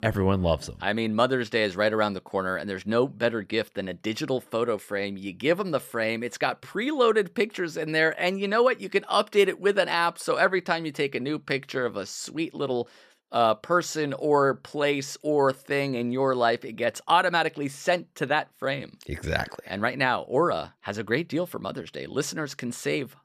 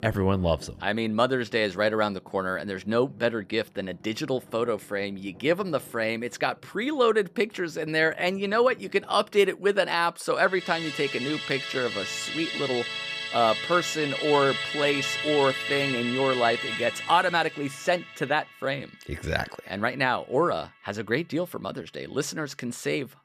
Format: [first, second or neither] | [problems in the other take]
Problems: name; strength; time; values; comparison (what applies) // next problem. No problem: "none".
first | background music; loud; throughout; 4 dB below the speech